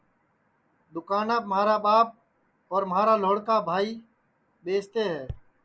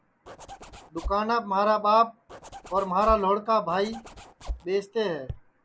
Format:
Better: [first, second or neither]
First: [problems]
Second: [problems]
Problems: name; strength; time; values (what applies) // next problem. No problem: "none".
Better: first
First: none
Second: background sound (Zipper (clothing)); 12 dB below the speech